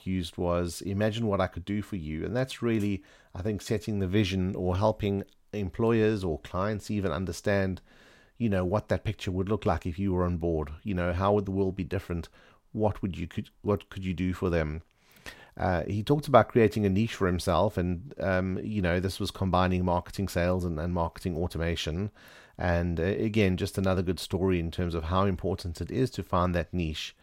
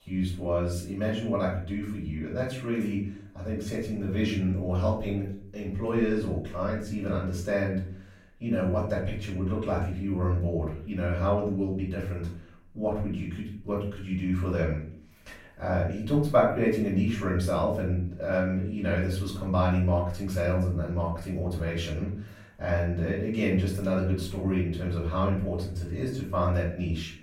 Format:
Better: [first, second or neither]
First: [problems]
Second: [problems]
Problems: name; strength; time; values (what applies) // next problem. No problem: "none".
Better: first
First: none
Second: off-mic speech; far // room echo; noticeable; dies away in 0.5 s